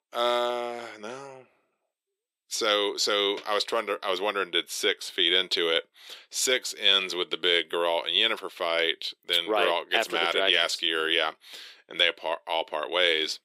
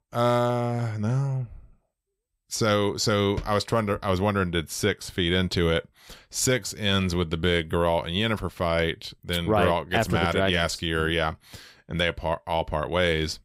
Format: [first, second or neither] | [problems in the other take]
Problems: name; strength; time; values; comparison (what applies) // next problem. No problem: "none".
second | thin; very; fading below 350 Hz